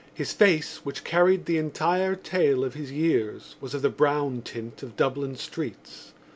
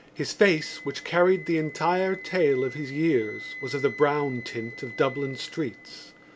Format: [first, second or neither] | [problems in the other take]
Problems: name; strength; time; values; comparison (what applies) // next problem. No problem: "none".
first | background sound (Wind instrument, woodwind instrument); 15 dB below the speech